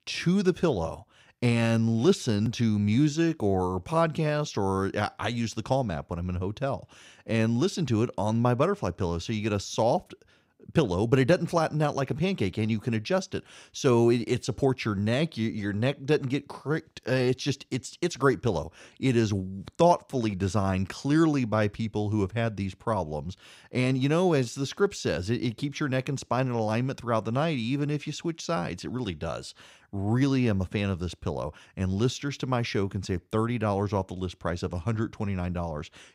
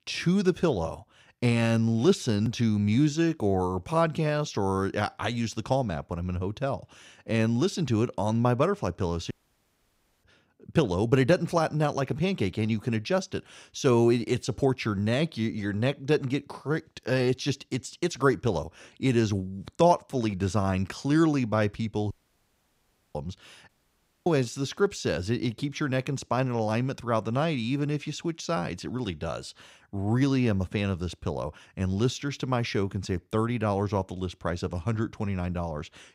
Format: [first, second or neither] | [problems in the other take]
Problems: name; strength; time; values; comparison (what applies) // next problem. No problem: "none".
first | audio cutting out; at 9.5 s for 1 s, at 22 s for 1 s and at 24 s for 0.5 s